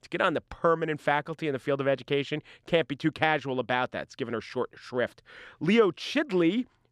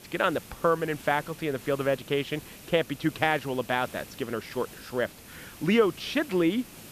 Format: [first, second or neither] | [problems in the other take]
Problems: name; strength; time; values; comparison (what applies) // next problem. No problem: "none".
first | hiss; noticeable; throughout; 15 dB below the speech